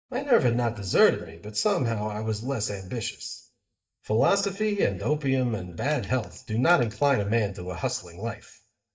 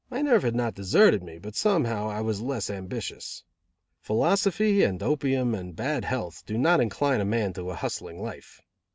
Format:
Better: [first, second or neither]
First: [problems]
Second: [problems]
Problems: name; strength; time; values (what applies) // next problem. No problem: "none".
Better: second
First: noise reduction (neural mask model DeepFilterNet 3)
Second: none